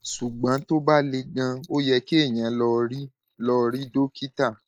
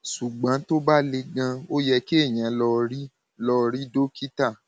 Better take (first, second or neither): second